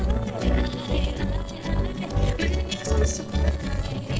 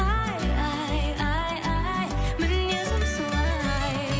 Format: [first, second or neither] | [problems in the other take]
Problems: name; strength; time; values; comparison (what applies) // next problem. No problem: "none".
second | noise reduction (neural separator model SepFormer DNS4)